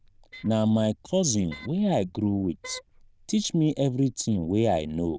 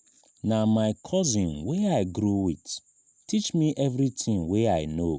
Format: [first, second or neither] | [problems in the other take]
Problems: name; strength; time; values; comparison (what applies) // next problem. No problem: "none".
second | noise reduction (neural diffusion model UNIVERSE++)